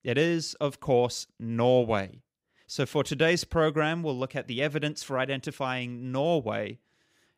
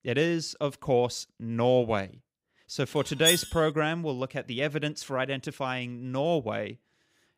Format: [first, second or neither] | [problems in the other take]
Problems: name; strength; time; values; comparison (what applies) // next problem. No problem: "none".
first | clattering dishes; loud; at 3 s; peak 4 dB above the speech